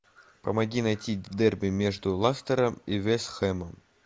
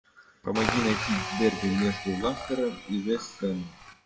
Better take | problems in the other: first | noise reduction (classical method WPE with log-MMSE)

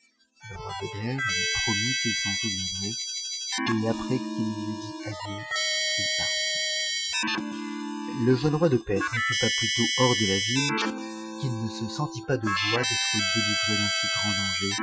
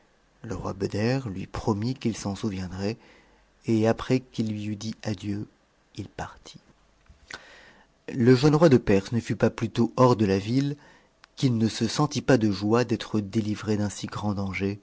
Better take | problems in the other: second | noise reduction (classical method Wiener filter)

